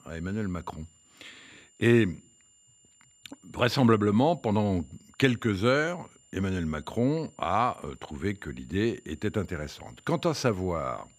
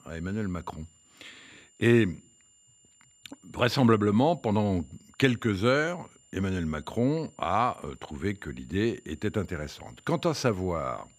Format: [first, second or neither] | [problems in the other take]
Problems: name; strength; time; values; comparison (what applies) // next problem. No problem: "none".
neither | high-pitched whine; faint; throughout; 7 kHz, 30 dB below the speech; the same in both